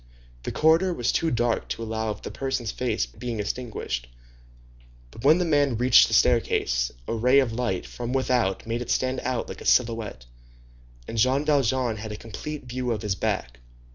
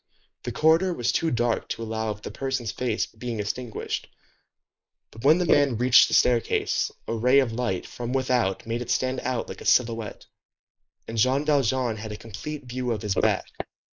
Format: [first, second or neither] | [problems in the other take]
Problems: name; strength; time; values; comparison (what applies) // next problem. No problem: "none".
first | noise reduction (neural mask model Resemble Enhance denoiser)